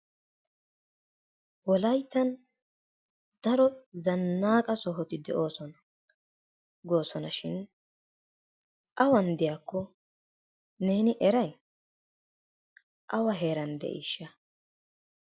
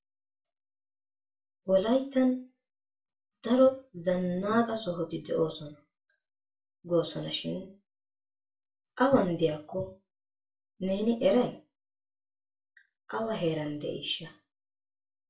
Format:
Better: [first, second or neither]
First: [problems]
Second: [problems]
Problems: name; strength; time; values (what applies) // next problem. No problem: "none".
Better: first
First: none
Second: room echo; dies away in 0.3 s